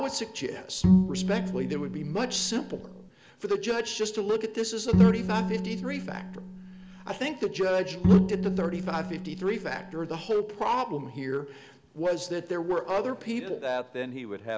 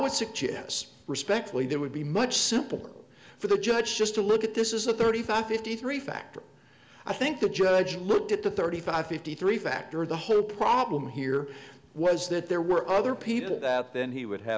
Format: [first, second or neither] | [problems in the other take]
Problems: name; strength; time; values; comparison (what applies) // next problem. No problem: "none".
second | background sound (Bowed string instrument); 4 dB above the speech